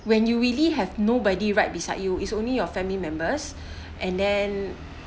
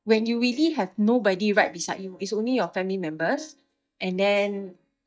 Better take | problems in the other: first | noise reduction (neural mask model DeepFilterNet 3)

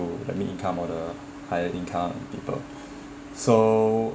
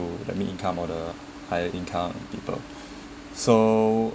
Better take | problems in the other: second | room echo; dies away in 1.8 s

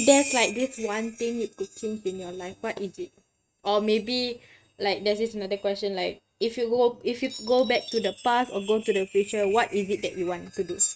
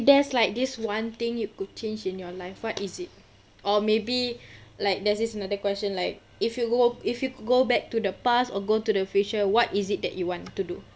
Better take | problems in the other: second | noise reduction (neural mask model RNNoise)

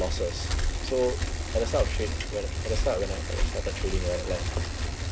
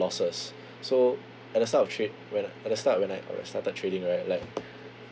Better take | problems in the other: second | background sound (Bicycle); 3 dB above the speech

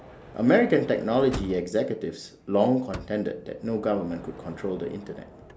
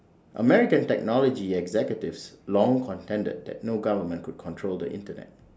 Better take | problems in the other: second | background sound (Sliding door / Motor vehicle (road)); 17 dB below the speech

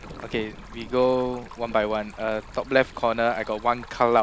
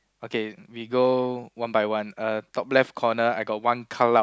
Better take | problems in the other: second | background sound (Stream + Thunder); 17 dB below the speech

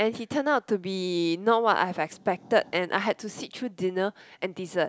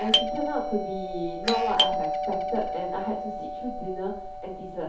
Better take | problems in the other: first | background sound (Doorbell); 3 dB above the speech // room echo; dies away in 0.5 s

